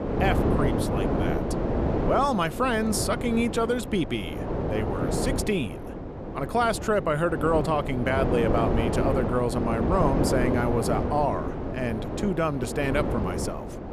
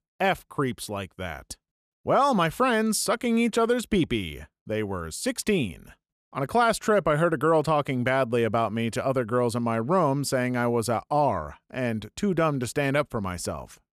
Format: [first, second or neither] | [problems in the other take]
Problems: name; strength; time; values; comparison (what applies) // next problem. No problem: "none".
second | wind noise on the microphone; heavy; 4 dB below the speech